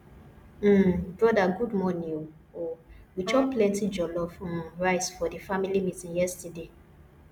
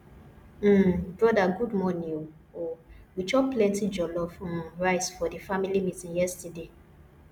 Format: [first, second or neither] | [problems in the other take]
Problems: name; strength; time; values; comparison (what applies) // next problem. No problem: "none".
second | background sound (Wind instrument, woodwind instrument); 11 dB below the speech